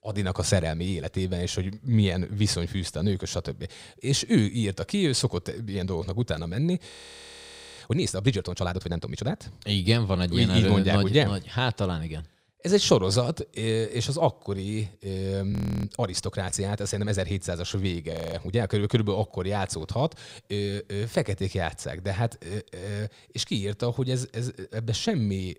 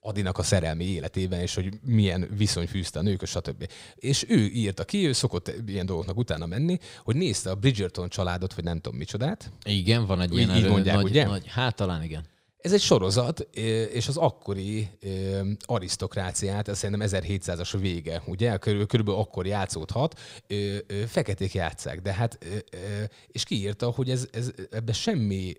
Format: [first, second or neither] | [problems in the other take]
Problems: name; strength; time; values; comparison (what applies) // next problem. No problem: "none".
second | audio freezing; at 7 s for 1 s, at 16 s and at 18 s